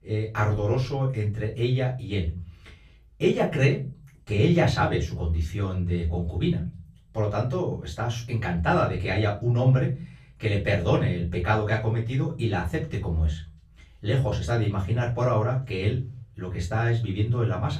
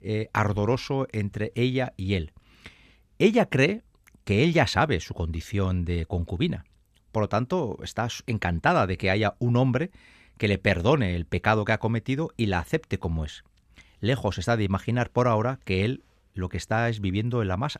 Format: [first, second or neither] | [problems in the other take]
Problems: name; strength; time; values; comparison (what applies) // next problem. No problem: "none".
second | off-mic speech; far // room echo; slight; dies away in 0.5 s